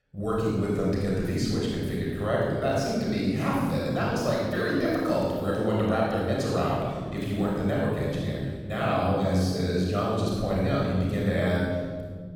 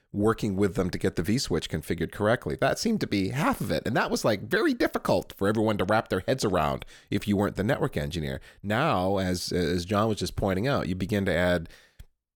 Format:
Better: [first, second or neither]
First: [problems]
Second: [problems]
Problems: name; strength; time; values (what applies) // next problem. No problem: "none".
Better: second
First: off-mic speech; far // room echo; strong; dies away in 2 s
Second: none